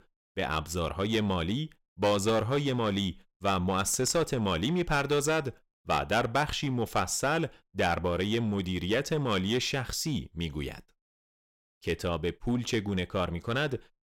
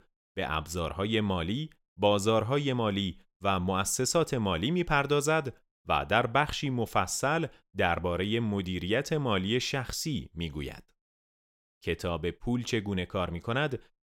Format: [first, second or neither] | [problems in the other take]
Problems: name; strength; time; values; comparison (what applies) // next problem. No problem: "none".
second | distortion; slight; 6% of the sound clipped